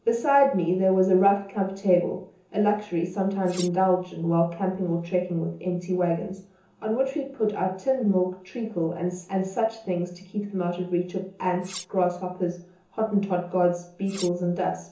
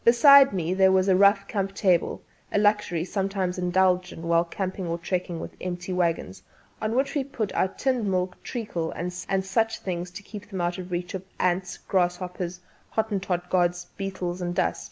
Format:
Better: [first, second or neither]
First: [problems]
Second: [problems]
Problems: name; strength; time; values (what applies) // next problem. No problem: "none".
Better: second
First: background sound (Cutlery, silverware); 16 dB below the speech // room echo; dies away in 0.6 s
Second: none